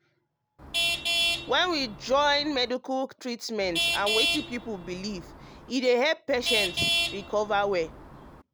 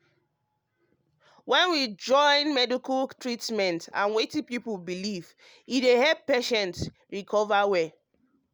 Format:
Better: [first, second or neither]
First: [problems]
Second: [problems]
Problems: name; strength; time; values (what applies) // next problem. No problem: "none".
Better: second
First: background sound (Traffic noise, roadway noise / Vehicle horn, car horn, honking); 2 dB below the speech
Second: none